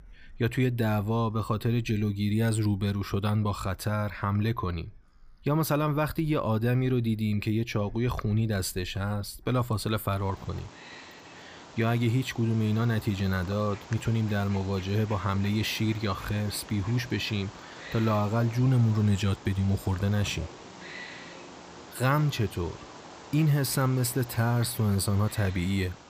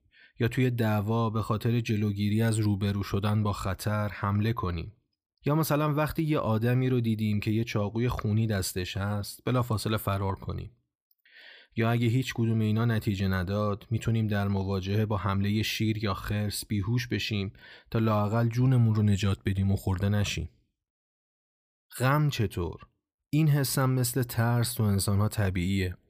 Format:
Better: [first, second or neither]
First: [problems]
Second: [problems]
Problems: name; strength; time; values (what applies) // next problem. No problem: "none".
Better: second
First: animal sounds; noticeable; throughout; 20 dB below the speech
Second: none